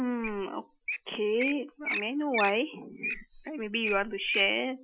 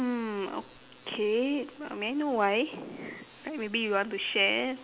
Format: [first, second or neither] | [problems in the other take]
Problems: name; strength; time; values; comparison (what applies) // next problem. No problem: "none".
second | noise reduction (classical method Wiener filter)